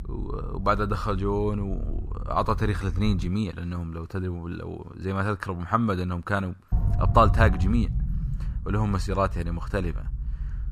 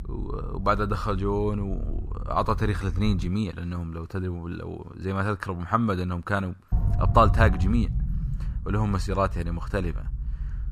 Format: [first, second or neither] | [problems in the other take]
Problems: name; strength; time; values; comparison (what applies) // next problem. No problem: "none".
neither | low rumble; noticeable; until 3.5 s and from 6.5 s on; 20 dB below the speech; the same in both